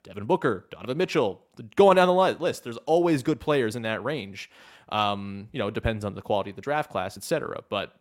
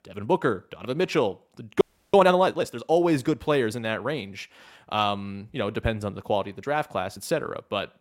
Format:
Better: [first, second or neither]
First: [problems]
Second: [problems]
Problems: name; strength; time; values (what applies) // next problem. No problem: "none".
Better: first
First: none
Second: audio freezing; at 2 s